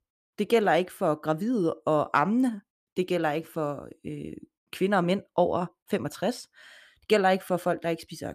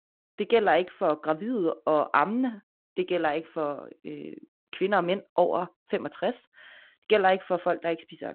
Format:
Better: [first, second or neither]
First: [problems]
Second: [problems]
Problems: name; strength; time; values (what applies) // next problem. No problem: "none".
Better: first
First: none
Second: phone-call audio